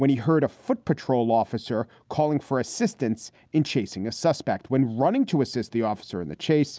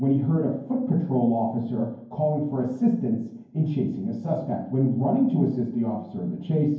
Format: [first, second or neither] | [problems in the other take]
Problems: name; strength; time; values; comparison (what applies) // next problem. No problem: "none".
first | room echo; dies away in 0.9 s